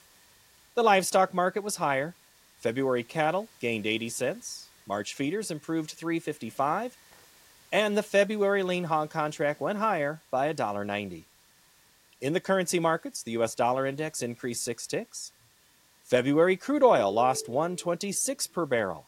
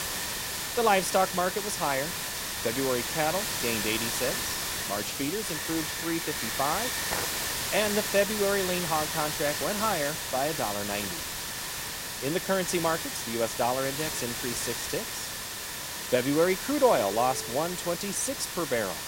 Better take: first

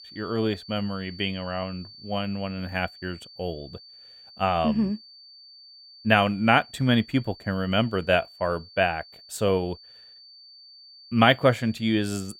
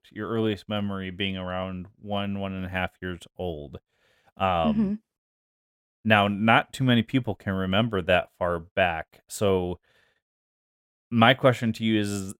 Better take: second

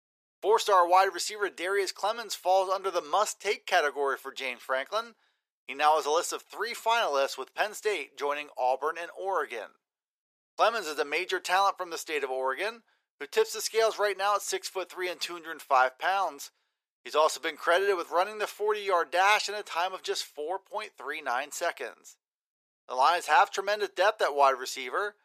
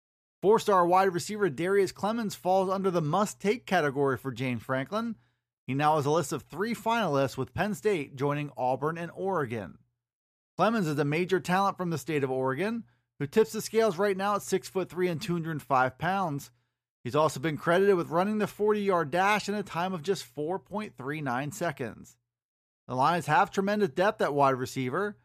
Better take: second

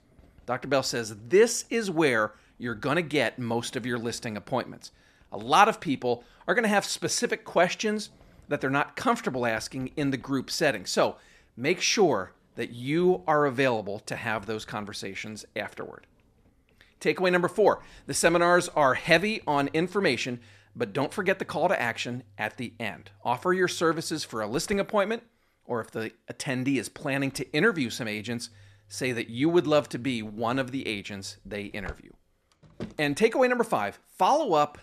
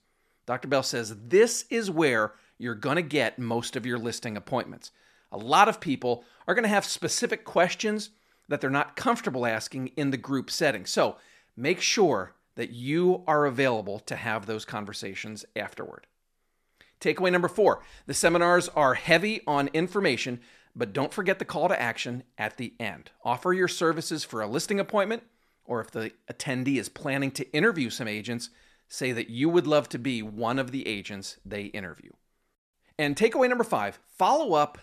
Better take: second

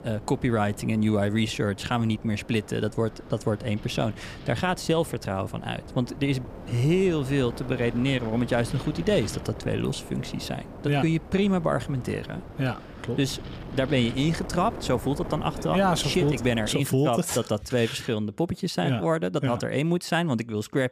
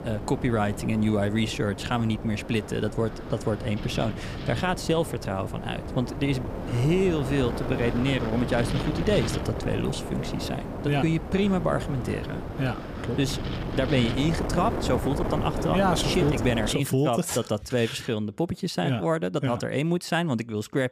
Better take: first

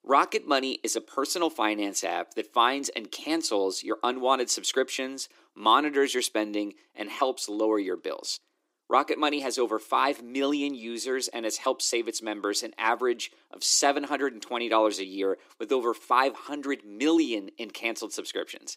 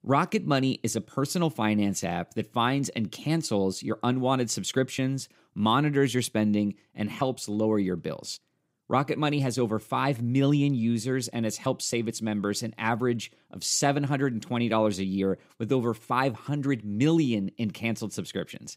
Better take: second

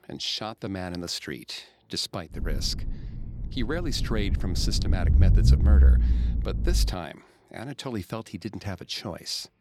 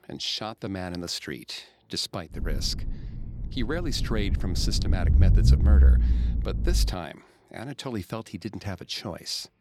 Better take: neither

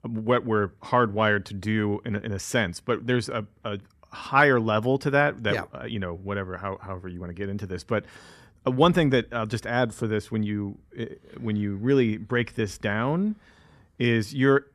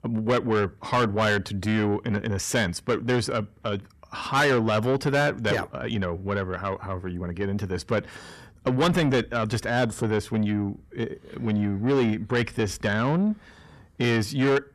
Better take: first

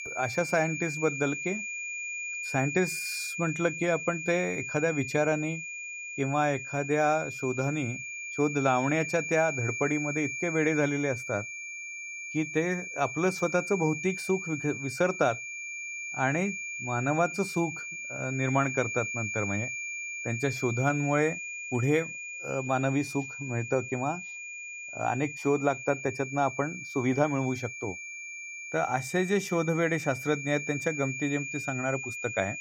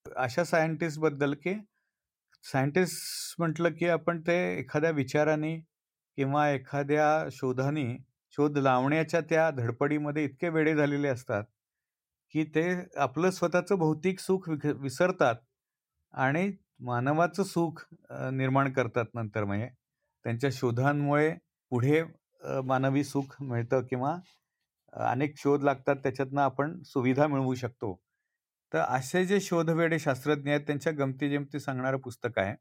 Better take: second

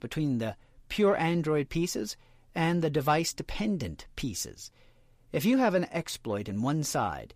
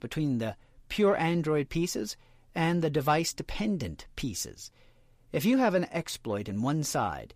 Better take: neither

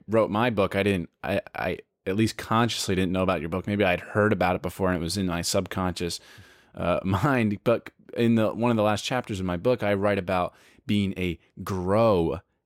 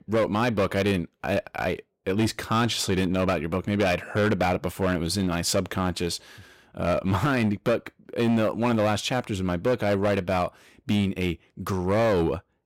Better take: first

